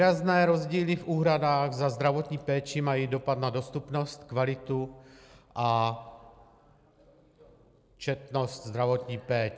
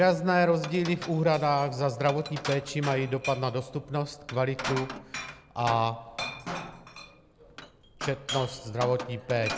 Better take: first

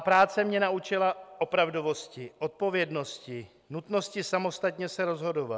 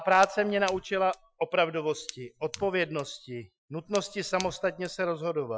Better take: first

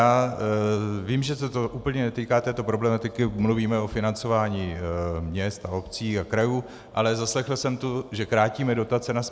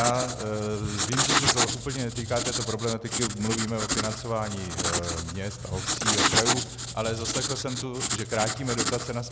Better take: first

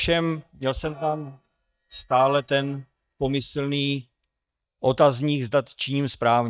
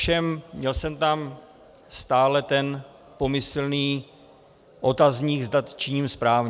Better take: second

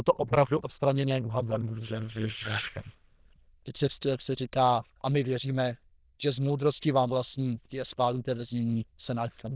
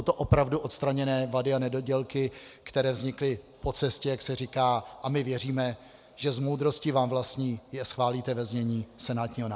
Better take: second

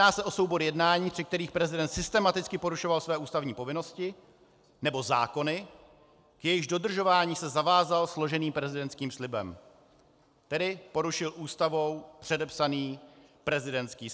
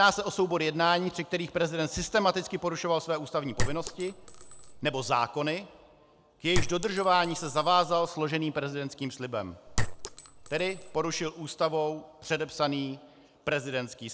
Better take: first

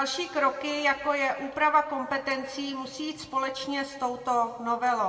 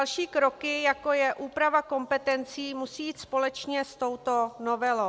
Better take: second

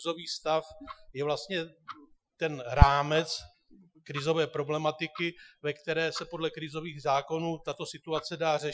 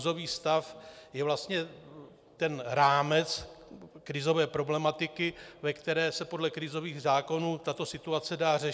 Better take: second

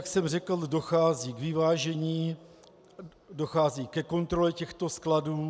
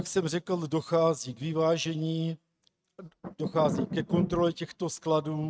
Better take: first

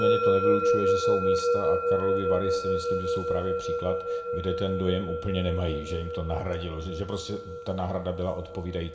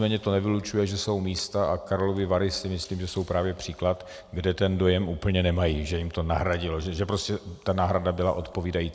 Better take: second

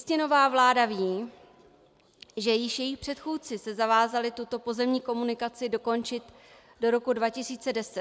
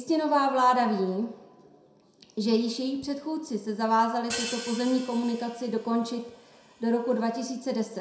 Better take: first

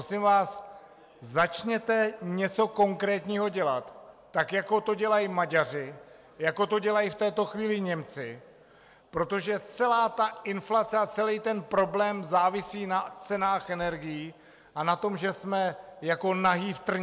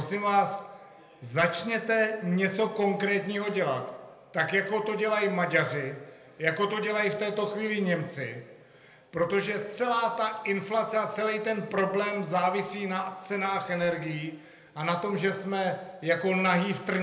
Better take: first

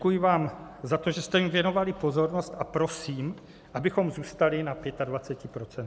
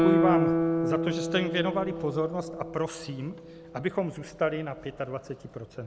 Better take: first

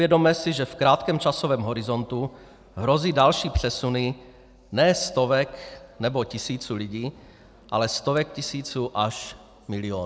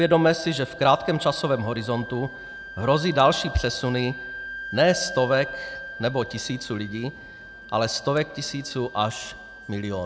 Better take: first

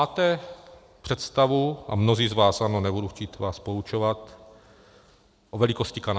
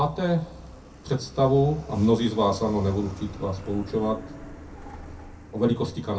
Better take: first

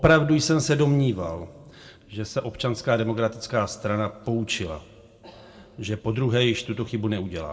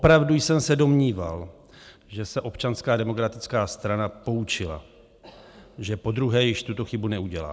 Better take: second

